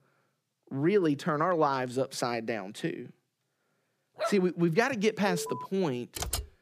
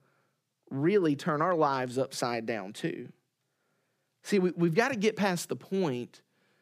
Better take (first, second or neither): second